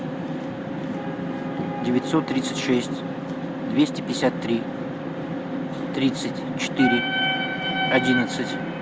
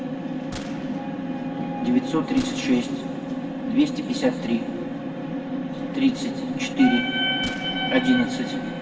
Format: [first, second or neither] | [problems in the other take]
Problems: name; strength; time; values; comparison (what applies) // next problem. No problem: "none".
first | background sound (Gunshot, gunfire); 19 dB below the speech // room echo; dies away in 1.5 s